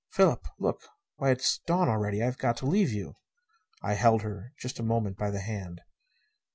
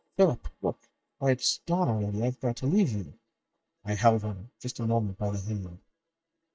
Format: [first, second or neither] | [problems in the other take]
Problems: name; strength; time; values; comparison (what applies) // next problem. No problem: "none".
first | noise reduction (neural mask model DeepFilterNet 3)